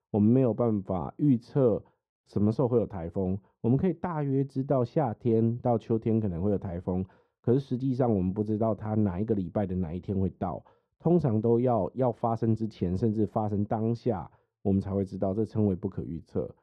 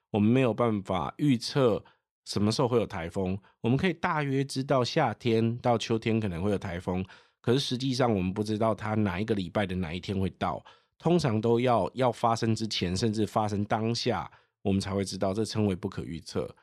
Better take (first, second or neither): second